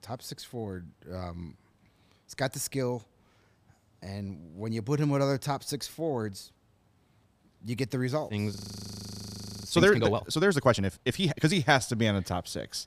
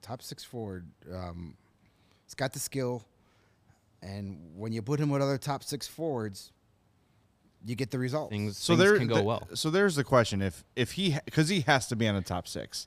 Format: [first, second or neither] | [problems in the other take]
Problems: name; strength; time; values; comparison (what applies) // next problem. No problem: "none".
second | audio freezing; at 8.5 s for 1 s